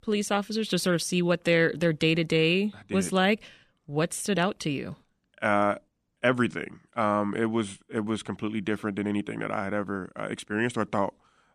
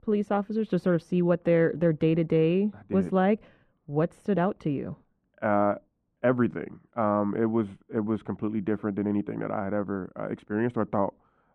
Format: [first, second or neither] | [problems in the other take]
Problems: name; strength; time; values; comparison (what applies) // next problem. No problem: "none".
first | muffled; very; fading above 2.5 kHz